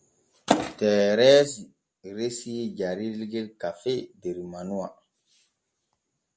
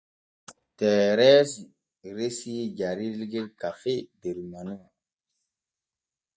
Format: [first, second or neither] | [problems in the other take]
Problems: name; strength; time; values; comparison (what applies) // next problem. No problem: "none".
first | noise reduction (neural mask model DeepFilterNet 3)